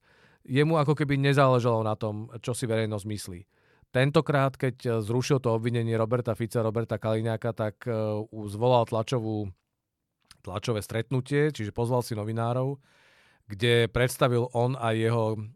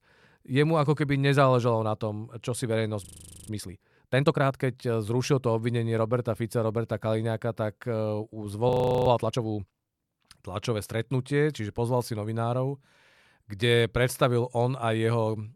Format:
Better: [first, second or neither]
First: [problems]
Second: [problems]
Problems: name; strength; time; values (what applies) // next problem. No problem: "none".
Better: first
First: none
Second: audio freezing; at 3 s and at 8.5 s